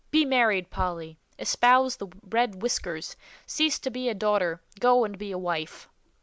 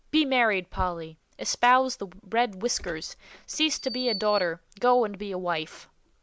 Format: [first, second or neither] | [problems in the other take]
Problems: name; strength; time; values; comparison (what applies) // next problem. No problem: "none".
first | background sound (Door); 15 dB below the speech